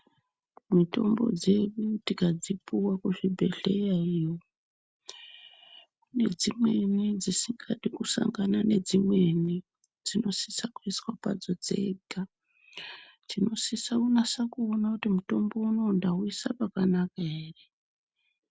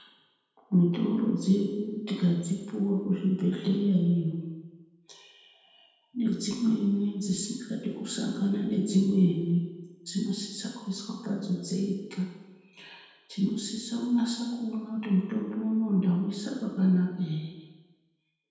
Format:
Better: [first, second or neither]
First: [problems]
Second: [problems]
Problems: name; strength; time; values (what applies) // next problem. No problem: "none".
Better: first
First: none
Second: room echo; dies away in 1.1 s